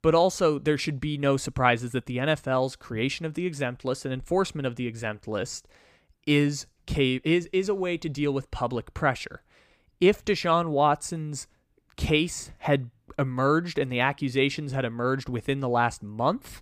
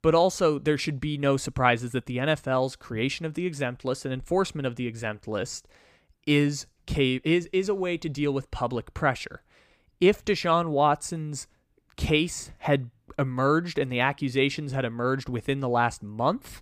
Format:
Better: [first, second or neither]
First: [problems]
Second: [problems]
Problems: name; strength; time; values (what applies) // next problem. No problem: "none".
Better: neither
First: none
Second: none